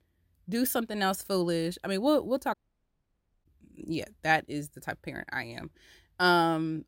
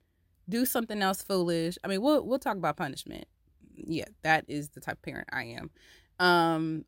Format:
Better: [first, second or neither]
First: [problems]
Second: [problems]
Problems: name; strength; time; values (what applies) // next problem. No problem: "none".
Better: second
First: audio cutting out; at 2.5 s for 1 s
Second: none